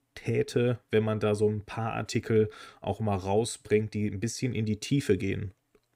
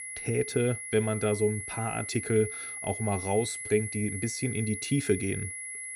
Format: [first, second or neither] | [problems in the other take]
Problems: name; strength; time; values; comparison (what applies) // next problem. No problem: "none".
first | high-pitched whine; loud; throughout; 2 kHz, 6 dB below the speech